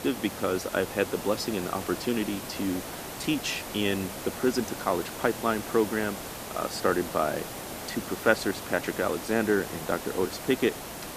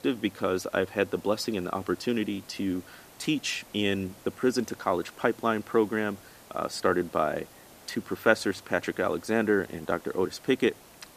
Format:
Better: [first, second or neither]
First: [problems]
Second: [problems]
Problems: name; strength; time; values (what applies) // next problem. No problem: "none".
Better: second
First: hiss; loud; throughout; 8 dB below the speech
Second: hiss; faint; throughout; 20 dB below the speech